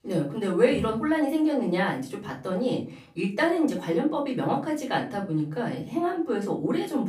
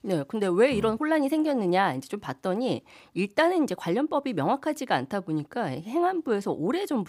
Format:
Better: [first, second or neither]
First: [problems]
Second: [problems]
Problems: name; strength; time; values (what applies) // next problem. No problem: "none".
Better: second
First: room echo; slight; dies away in 0.4 s // off-mic speech; far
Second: none